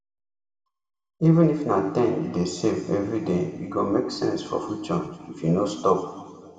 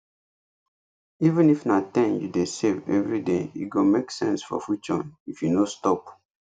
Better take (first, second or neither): second